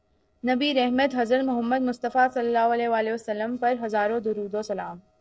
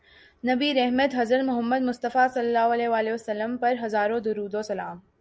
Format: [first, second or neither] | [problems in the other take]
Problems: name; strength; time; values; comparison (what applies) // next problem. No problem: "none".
second | noise reduction (neural separator model SepFormer DNS4)